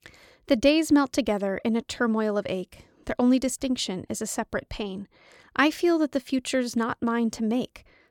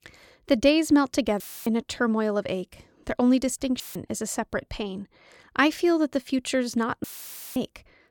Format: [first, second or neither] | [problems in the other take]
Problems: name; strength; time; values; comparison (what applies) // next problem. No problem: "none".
first | audio cutting out; filled with static; at 1.5 s, at 4 s and at 7 s for 0.5 s